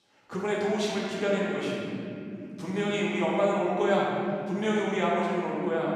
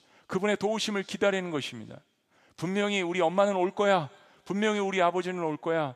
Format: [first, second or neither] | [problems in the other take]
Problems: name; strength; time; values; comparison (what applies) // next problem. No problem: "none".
second | room echo; strong; dies away in 3 s // off-mic speech; far